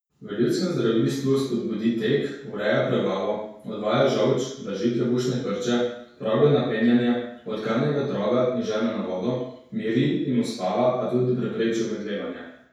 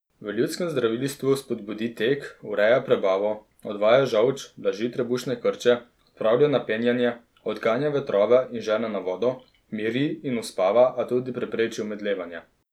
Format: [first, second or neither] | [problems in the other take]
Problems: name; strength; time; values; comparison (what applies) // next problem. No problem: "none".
second | room echo; dies away in 0.6 s